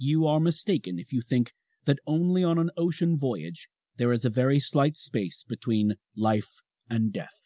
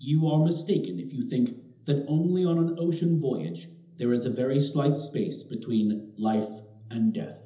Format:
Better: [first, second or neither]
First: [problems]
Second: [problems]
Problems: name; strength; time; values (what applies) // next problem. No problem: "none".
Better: first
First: none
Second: room echo; dies away in 1.2 s